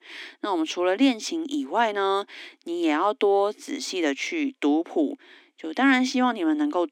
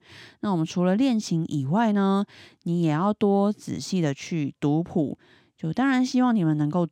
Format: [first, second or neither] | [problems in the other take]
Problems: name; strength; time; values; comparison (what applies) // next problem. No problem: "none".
second | thin; very slightly; fading below 250 Hz